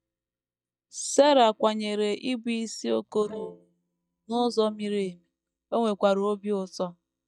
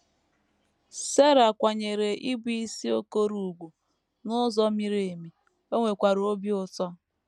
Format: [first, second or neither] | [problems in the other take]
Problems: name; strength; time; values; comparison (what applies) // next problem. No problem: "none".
second | noise reduction (neural mask model DeepFilterNet 3)